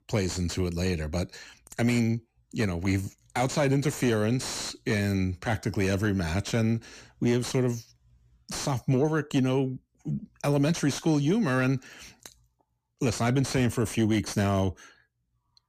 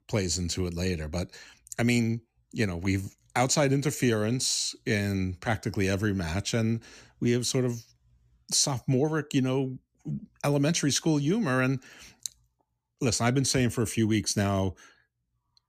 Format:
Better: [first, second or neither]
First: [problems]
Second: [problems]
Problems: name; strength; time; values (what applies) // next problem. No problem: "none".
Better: second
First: distortion; slight; 10 dB below the speech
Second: none